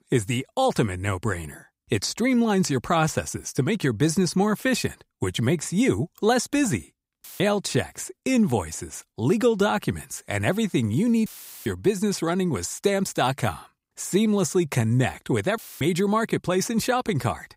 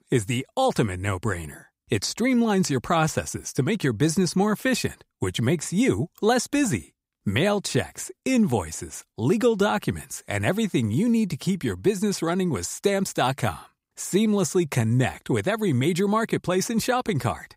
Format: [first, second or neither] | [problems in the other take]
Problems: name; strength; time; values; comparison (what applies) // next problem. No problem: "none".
second | audio cutting out; filled with static; at 7 s, at 11 s and at 16 s